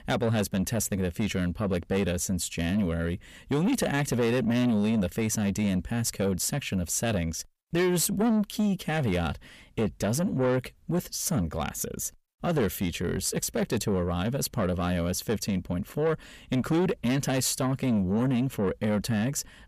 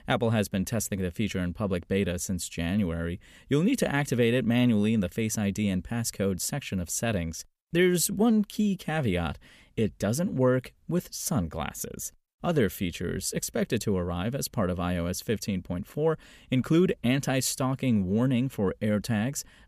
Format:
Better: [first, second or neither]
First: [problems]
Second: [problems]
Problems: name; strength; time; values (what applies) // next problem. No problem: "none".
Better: second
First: distortion; slight; 10 dB below the speech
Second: none